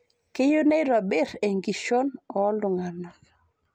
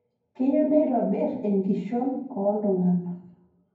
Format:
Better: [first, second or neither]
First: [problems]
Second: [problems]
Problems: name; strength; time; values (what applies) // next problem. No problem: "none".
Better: first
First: none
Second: room echo; dies away in 0.9 s